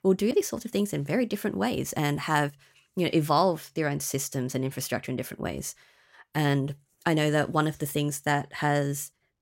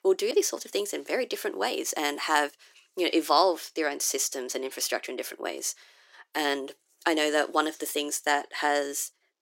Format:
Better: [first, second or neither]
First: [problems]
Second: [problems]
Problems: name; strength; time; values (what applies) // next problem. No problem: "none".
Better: first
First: none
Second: thin; somewhat; fading below 350 Hz